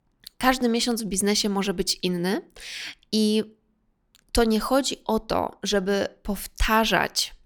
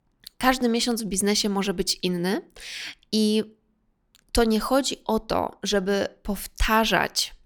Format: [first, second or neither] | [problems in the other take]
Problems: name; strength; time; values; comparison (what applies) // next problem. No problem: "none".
neither | none